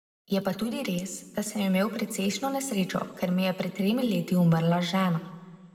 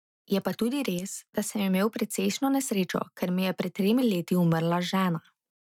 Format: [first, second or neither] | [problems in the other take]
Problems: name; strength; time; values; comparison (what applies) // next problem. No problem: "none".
second | room echo; dies away in 1.1 s